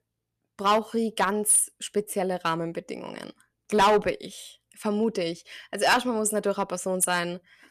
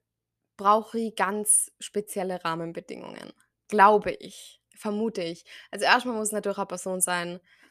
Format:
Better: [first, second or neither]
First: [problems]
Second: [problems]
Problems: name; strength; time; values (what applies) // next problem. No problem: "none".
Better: second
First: distortion; heavy; 3% of the sound clipped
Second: none